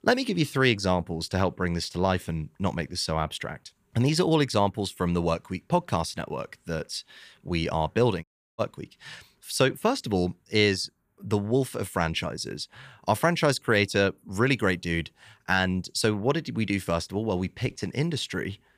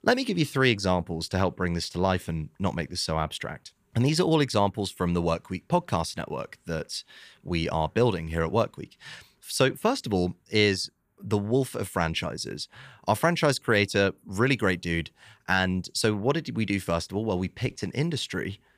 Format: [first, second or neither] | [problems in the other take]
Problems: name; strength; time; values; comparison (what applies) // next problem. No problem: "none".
second | audio cutting out; at 8 s